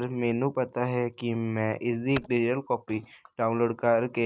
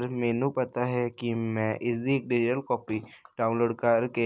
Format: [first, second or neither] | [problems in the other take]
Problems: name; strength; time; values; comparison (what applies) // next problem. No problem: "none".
second | noise reduction (neural mask model RNNoise)